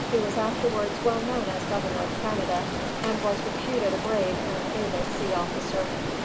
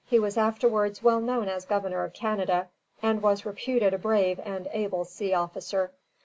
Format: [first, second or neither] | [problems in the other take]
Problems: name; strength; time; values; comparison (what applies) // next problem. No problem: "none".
second | background sound (Stream); as loud as the speech